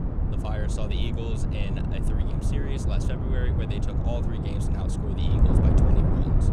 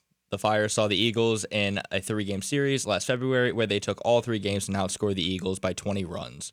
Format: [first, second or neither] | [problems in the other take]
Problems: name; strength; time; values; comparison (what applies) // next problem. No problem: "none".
second | wind noise on the microphone; heavy; 3 dB above the speech